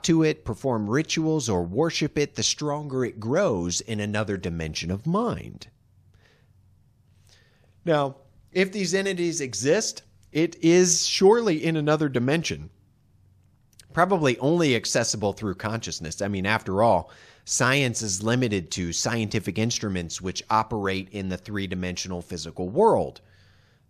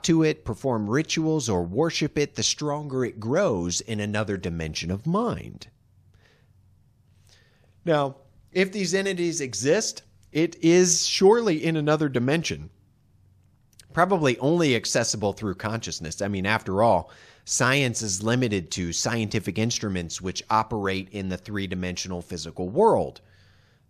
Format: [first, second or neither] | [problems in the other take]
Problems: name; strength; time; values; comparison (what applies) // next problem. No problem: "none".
neither | none